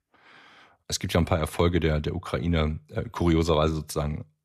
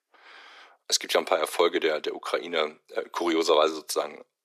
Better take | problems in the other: first | thin; very; fading below 350 Hz

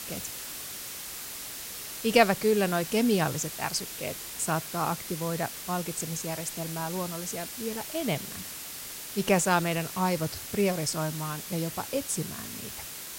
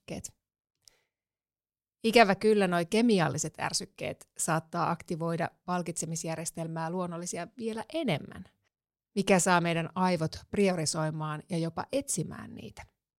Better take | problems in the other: second | hiss; loud; throughout; 7 dB below the speech

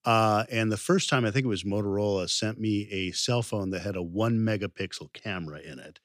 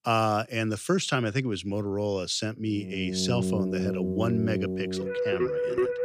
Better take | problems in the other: first | background music; loud; from 3 s on; as loud as the speech

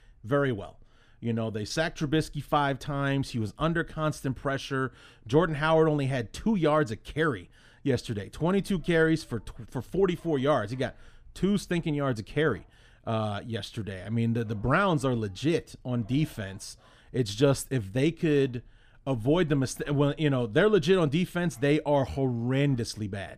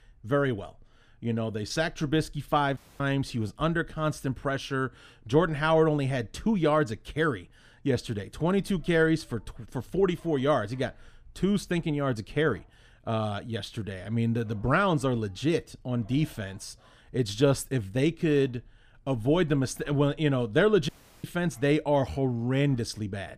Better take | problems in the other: first | audio cutting out; at 3 s and at 21 s

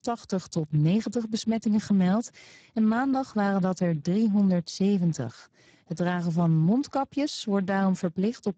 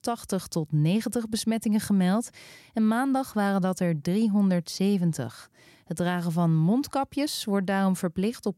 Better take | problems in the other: second | garbled, watery; badly; nothing above 7.5 kHz

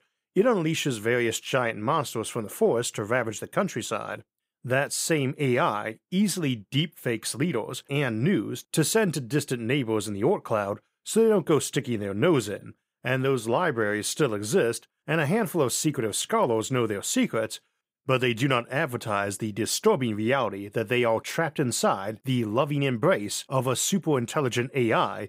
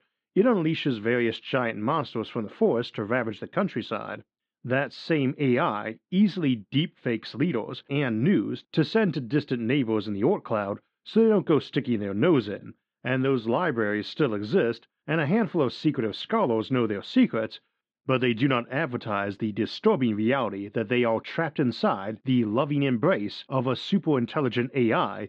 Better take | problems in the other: first | muffled; slightly; fading above 4 kHz

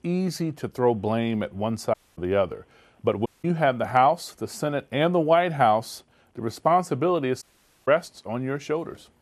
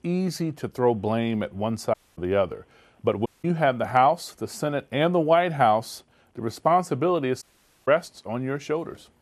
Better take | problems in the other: neither | audio cutting out; at 2 s, at 3.5 s and at 7.5 s; the same in both

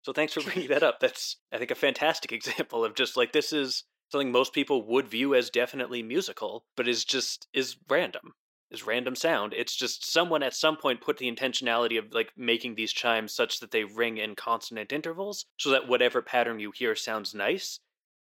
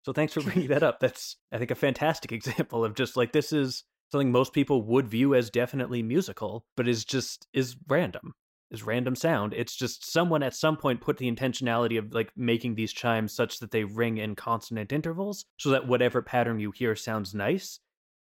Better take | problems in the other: second | thin; somewhat; fading below 400 Hz

